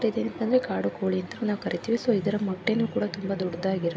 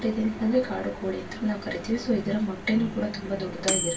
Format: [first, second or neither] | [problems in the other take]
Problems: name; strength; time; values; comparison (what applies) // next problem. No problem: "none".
first | background sound (Microwave oven); 7 dB below the speech // room echo; dies away in 0.2 s